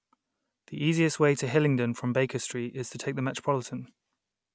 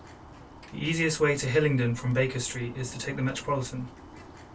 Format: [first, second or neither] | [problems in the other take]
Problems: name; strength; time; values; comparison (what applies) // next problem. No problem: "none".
first | background sound (Bird); 18 dB below the speech // room echo; dies away in 0.2 s